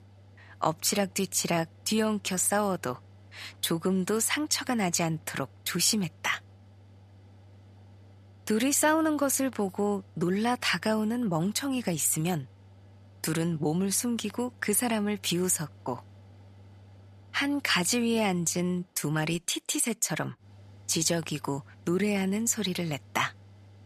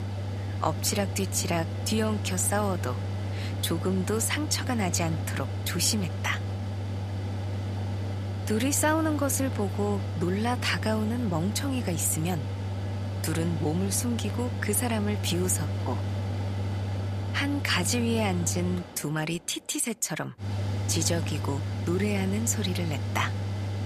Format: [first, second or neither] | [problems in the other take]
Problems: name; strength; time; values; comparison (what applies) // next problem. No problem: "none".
first | machinery noise; loud; throughout; 4 dB below the speech; faint in the first